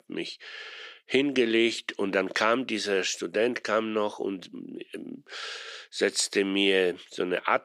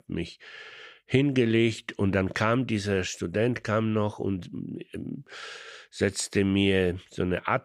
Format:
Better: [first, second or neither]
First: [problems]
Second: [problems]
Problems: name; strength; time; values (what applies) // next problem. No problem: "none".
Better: second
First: thin; somewhat; fading below 300 Hz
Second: none